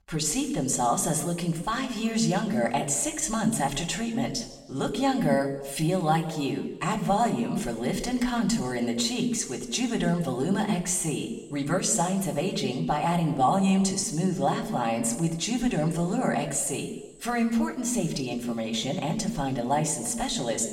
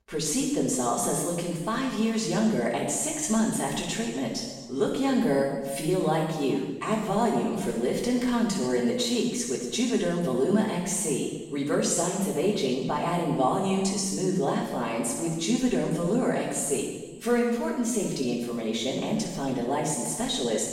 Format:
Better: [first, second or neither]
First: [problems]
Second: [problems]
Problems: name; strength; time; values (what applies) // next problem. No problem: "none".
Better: first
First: room echo; slight; dies away in 1.1 s // off-mic speech; somewhat distant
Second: room echo; strong; dies away in 1.1 s // off-mic speech; far